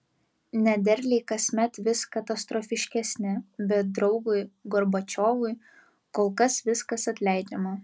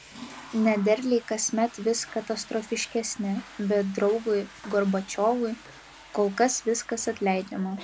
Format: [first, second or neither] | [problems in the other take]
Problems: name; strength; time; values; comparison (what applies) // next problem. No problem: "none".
first | background sound (Toilet flush / Water); 20 dB below the speech